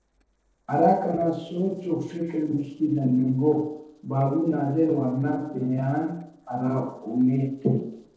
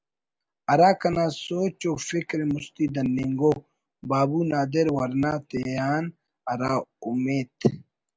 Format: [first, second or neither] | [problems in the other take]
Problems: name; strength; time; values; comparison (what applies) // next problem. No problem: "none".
second | noise reduction (neural separator model SepFormer DNS4)